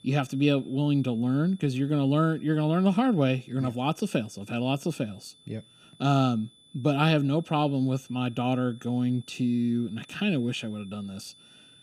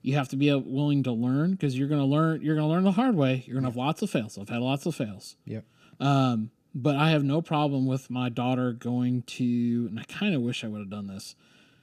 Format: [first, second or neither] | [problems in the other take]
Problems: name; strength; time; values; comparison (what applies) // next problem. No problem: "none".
second | high-pitched whine; faint; throughout; 3.5 kHz, 30 dB below the speech